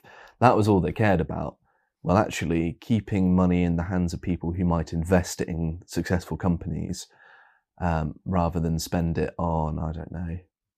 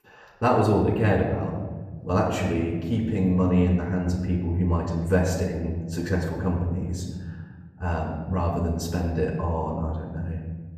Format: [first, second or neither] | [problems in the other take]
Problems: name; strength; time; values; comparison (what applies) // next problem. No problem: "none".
first | off-mic speech; far // room echo; noticeable; dies away in 1.4 s